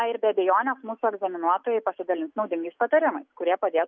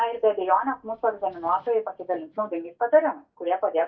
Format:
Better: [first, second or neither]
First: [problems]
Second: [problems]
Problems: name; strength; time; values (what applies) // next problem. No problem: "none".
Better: first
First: none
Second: noise reduction (neural mask model DeepFilterNet 3)